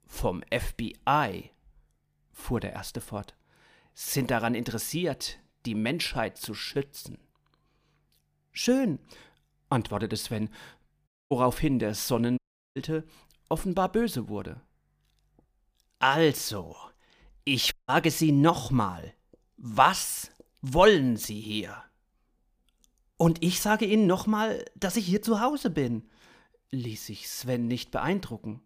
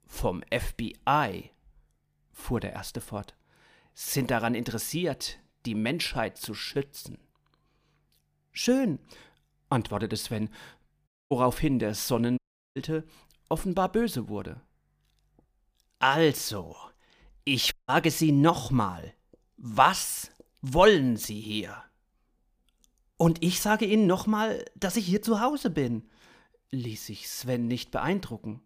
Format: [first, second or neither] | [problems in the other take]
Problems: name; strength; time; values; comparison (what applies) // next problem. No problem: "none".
neither | audio cutting out; at 11 s, at 12 s and at 18 s; the same in both